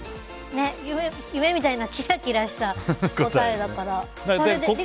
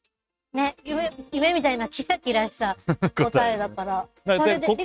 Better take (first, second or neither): first